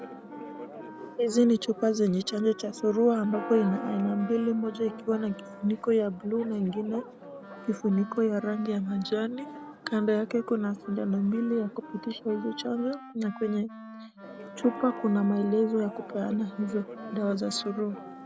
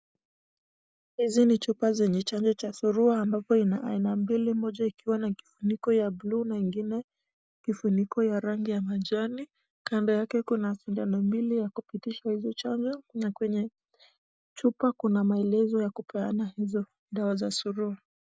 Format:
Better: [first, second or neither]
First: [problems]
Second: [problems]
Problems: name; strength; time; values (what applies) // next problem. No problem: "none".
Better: second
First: background sound (Wind instrument, woodwind instrument + Church bell); 14 dB below the speech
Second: none